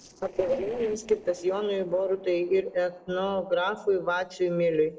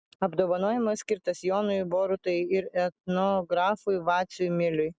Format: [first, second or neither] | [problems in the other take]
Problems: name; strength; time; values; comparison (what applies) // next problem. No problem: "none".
second | noise reduction (neural separator model SepFormer DNS4)